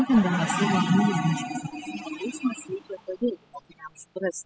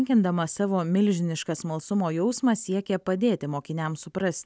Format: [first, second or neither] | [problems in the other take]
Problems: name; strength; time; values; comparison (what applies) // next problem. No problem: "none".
second | noise reduction (classical method spectral subtraction)